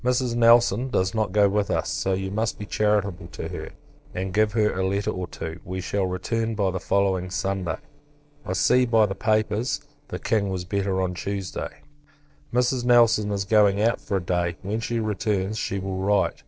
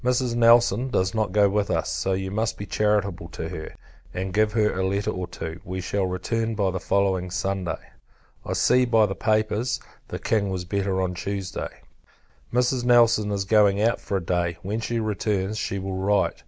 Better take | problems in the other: second | noise reduction (neural separator model SepFormer DNS4)

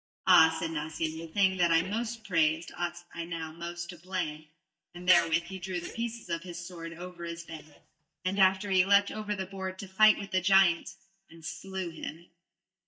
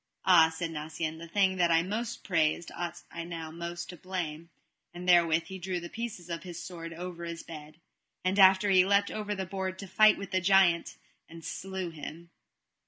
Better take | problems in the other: second | noise reduction (neural mask model DeepFilterNet 3)

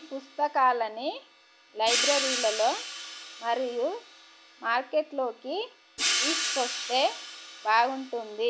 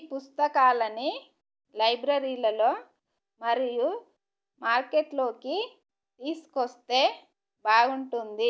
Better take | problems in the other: second | background sound (Hi-hat); 5 dB below the speech

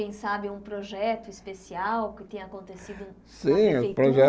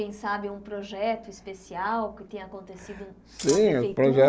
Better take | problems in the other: first | background sound (Scissors); 9 dB below the speech

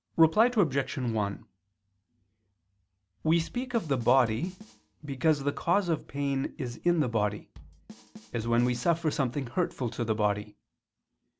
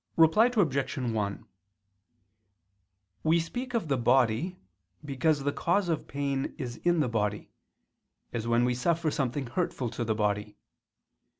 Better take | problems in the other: second | background sound (Drum kit); 20 dB below the speech

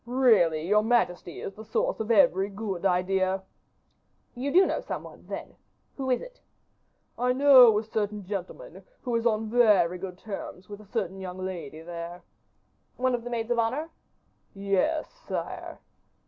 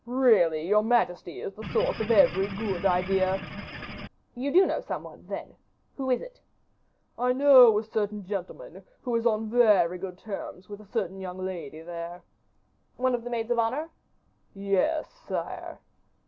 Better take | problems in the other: first | background sound (Engine / Boat, Water vehicle); 9 dB below the speech

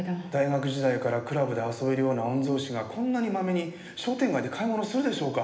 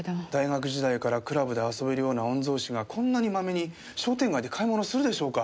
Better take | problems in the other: second | room echo; dies away in 1.1 s

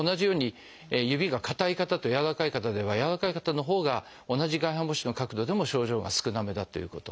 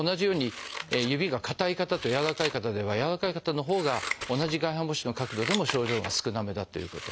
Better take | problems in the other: first | background sound (Scissors); 10 dB below the speech

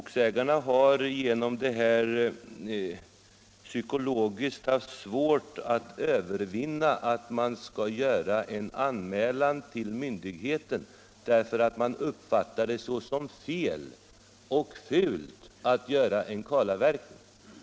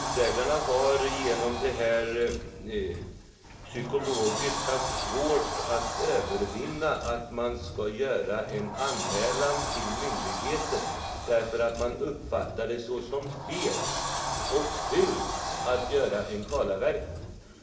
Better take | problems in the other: first | background sound (Sliding door); 4 dB below the speech // room echo; dies away in 0.9 s

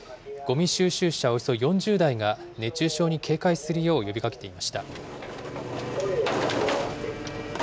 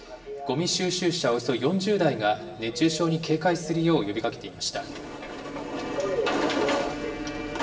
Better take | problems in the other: first | room echo; dies away in 2.5 s

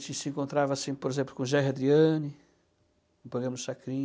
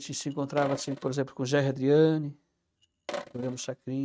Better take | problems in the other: first | noise reduction (neural mask model RNNoise)

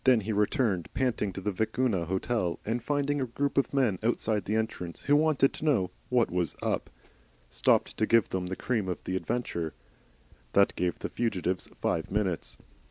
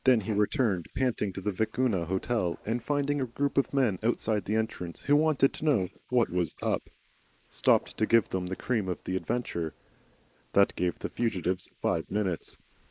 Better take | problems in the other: first | noise reduction (neural mask model Resemble Enhance denoiser)

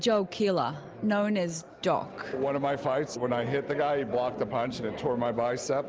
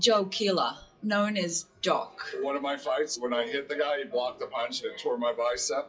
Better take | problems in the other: first | noise reduction (classical method WPE with log-MMSE)

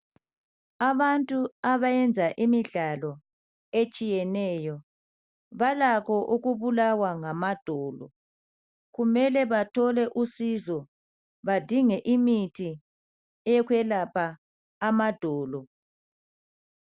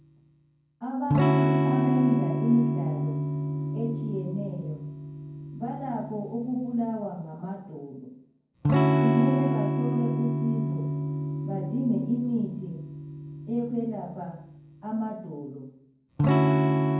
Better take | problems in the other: first | background sound (Electric guitar / Strum); 3 dB above the speech // room echo; dies away in 0.9 s

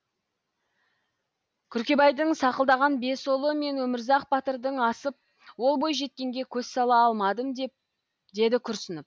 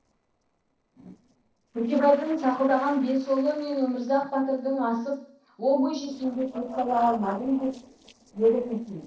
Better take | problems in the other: first | noise reduction (neural separator model SepFormer DNS4)

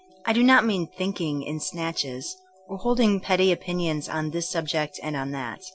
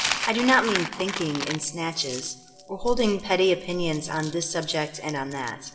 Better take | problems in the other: first | background sound (Coin (dropping)); 9 dB below the speech // room echo; dies away in 1 s

